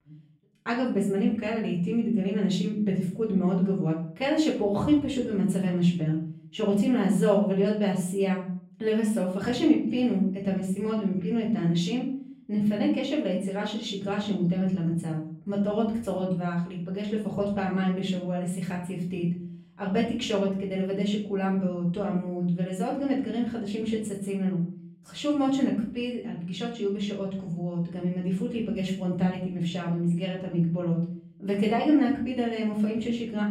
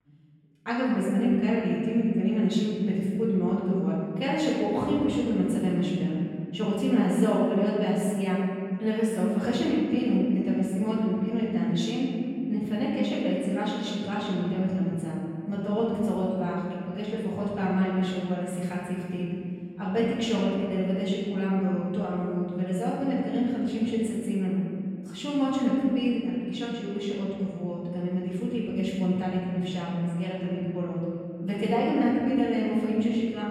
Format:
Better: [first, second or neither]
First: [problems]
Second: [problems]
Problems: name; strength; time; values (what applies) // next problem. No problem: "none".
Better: first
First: room echo; slight; dies away in 0.5 s // off-mic speech; far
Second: room echo; strong; dies away in 2.2 s // off-mic speech; far